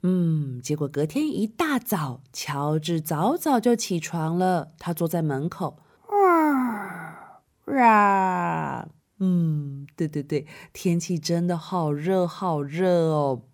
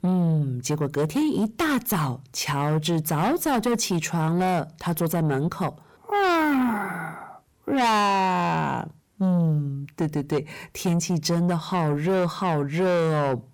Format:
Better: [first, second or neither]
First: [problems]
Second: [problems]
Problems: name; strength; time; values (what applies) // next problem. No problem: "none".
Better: first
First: none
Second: distortion; heavy; 7 dB below the speech